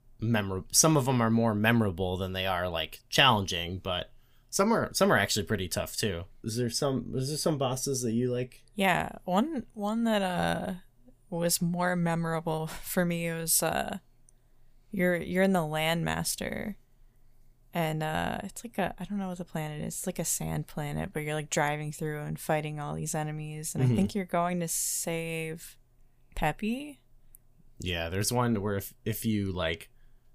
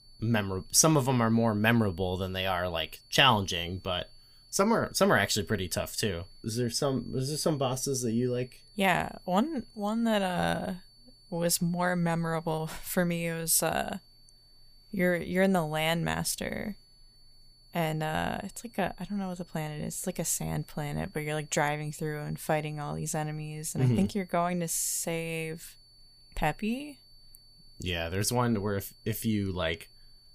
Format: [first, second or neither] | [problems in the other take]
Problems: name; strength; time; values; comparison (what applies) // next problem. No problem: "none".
first | high-pitched whine; faint; throughout; 4.5 kHz, 25 dB below the speech